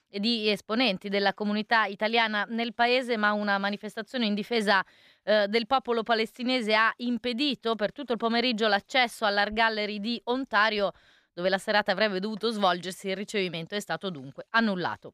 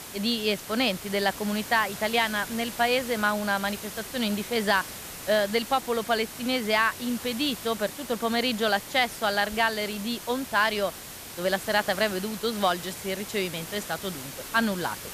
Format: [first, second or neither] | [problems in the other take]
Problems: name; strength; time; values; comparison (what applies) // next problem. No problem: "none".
first | hiss; noticeable; throughout; 10 dB below the speech